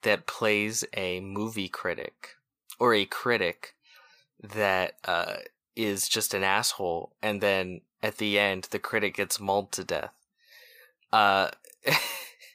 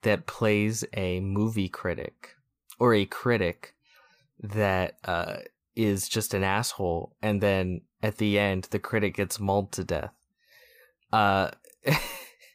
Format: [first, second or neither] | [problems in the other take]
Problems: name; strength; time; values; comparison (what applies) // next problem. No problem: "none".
second | thin; somewhat; fading below 600 Hz